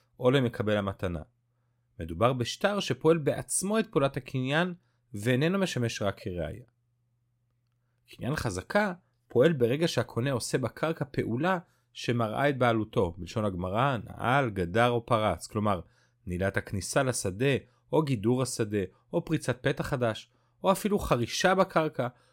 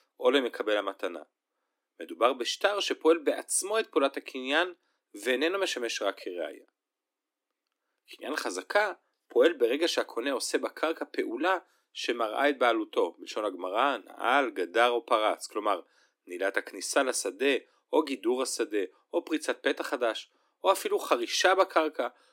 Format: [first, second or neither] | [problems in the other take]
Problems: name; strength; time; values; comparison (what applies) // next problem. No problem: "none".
first | thin; somewhat; fading below 250 Hz